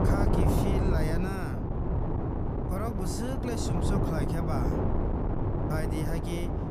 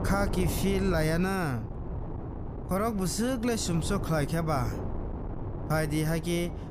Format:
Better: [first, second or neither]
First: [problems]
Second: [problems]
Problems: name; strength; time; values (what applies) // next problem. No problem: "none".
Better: second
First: wind noise on the microphone; heavy; 2 dB above the speech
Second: wind noise on the microphone; occasional gusts; 10 dB below the speech